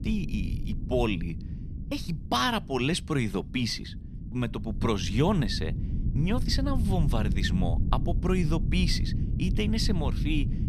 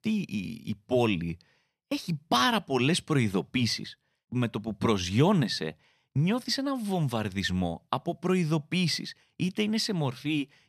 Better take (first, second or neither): second